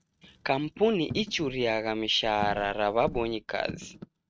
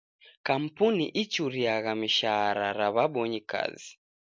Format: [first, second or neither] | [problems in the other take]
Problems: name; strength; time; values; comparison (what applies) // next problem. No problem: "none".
second | noise reduction (neural mask model RNNoise)